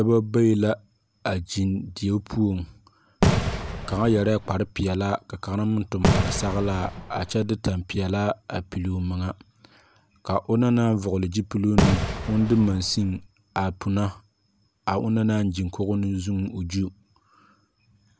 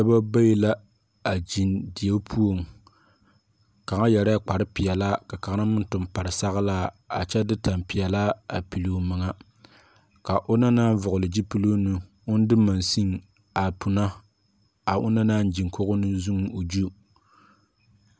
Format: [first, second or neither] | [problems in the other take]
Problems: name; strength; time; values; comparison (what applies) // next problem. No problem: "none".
second | background sound (Fireworks); as loud as the speech